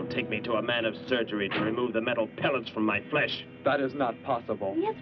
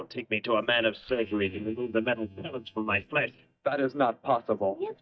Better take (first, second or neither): first